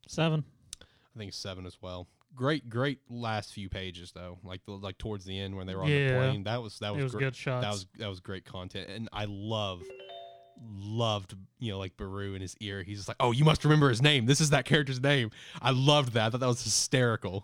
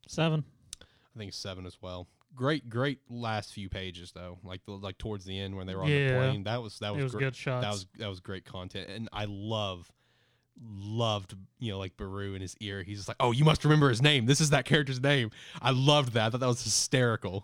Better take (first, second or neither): second